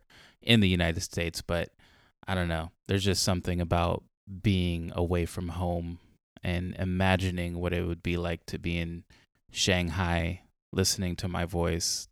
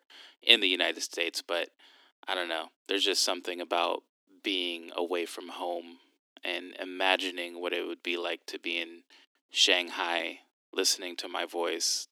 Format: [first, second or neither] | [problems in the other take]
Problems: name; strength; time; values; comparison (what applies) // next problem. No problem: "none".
first | thin; very; fading below 250 Hz